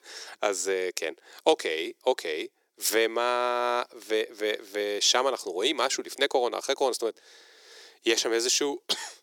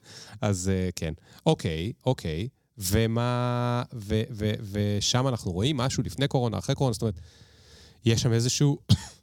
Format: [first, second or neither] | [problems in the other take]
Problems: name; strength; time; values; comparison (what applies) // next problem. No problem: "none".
second | thin; very; fading below 350 Hz